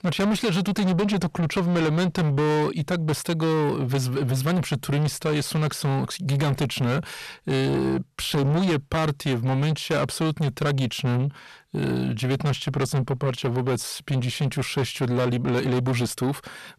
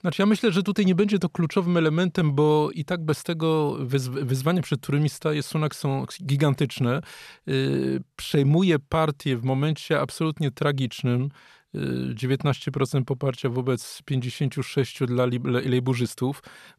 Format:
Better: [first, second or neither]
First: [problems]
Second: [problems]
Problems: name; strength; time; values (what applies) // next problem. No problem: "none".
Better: second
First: distortion; heavy; 8 dB below the speech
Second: none